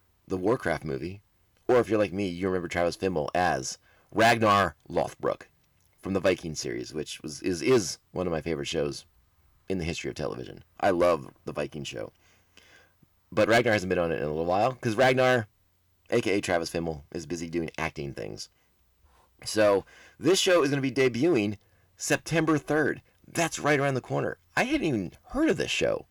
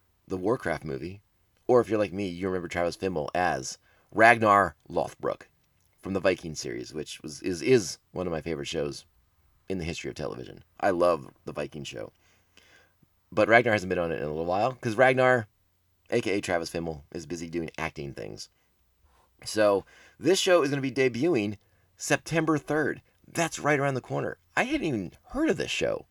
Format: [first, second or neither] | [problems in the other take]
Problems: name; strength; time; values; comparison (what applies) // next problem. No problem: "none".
second | distortion; slight; 2% of the sound clipped